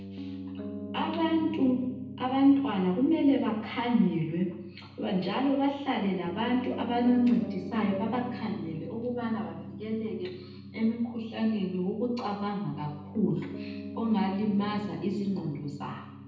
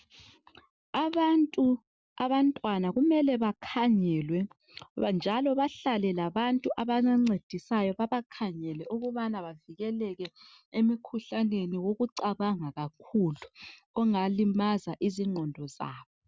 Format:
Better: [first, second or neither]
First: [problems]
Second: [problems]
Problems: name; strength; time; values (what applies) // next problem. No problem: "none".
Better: second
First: background sound (Piano); 11 dB below the speech // room echo; dies away in 0.9 s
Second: none